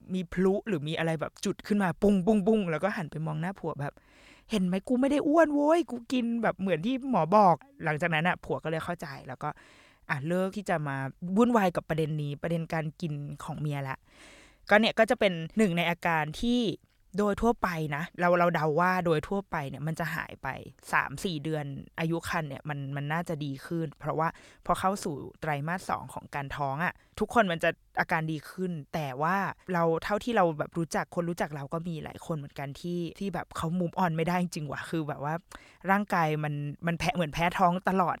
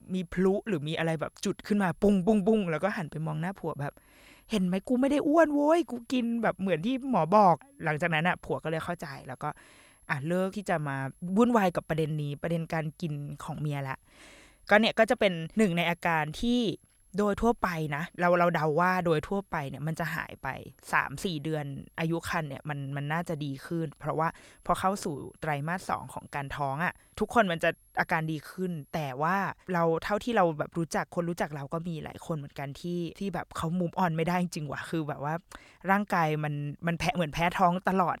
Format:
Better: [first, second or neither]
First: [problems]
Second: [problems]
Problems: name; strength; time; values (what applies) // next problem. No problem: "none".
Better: first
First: none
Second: high-pitched whine; faint; until 29 s; 11.5 kHz, 35 dB below the speech